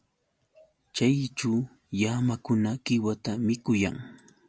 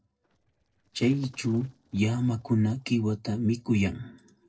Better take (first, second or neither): first